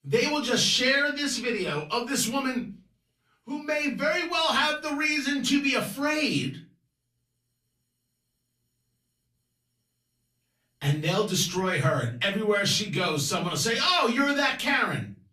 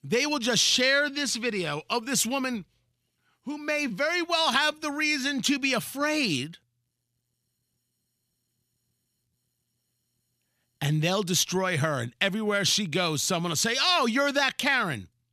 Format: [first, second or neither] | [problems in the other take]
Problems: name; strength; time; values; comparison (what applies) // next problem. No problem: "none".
second | off-mic speech; far // room echo; very slight; dies away in 0.3 s